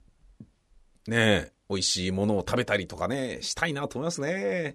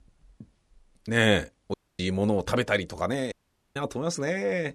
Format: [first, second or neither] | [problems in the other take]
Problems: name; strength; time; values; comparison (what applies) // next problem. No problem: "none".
first | audio cutting out; at 1.5 s and at 3.5 s